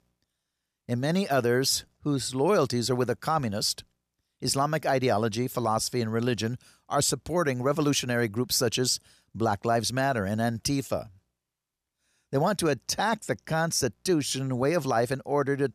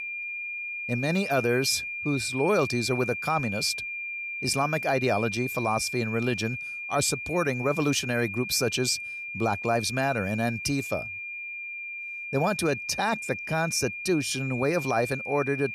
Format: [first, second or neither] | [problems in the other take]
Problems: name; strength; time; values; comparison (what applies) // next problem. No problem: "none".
first | high-pitched whine; loud; throughout; 2.5 kHz, 5 dB below the speech